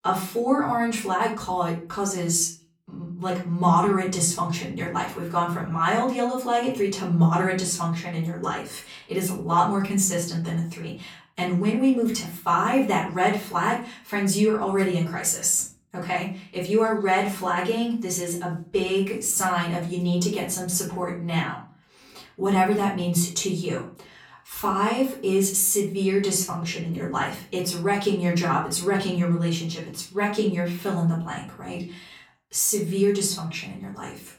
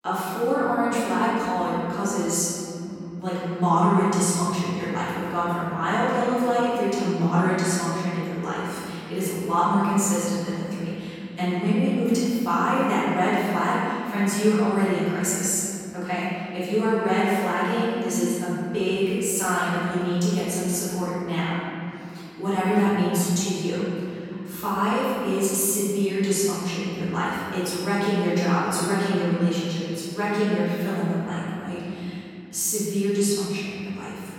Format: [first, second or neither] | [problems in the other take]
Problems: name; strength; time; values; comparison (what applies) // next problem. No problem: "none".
first | room echo; strong; dies away in 3 s; slight in the first // off-mic speech; far; far in the first